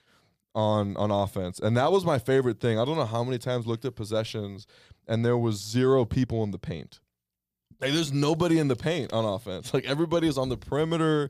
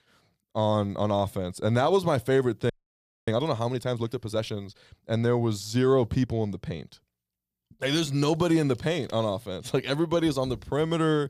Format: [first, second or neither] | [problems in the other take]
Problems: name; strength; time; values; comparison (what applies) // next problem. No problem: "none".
first | audio freezing; at 2.5 s for 0.5 s